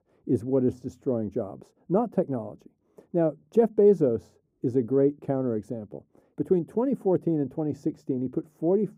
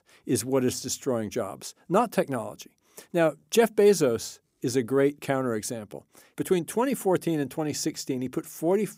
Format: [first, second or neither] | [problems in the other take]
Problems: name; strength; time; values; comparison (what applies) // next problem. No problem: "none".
second | muffled; very; fading above 1 kHz